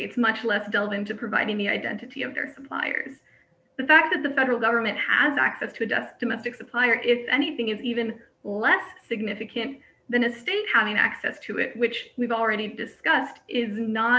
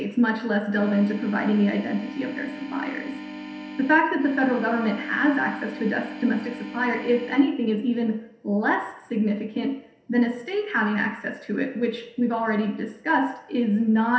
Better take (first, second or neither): first